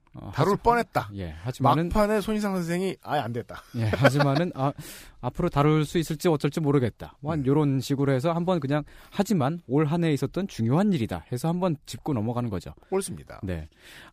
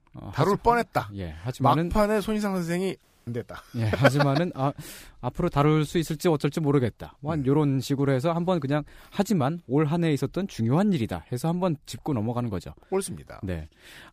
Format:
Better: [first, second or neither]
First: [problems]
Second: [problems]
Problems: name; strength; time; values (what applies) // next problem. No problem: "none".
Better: first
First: none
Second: audio cutting out; at 3 s